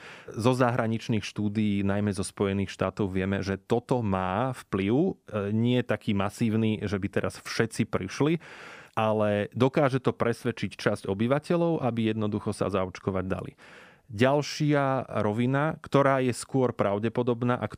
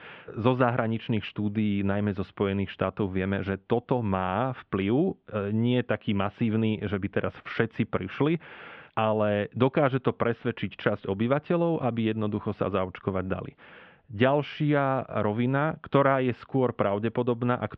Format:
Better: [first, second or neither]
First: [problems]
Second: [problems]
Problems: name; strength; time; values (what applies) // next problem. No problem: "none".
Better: first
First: none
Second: muffled; very; fading above 3.5 kHz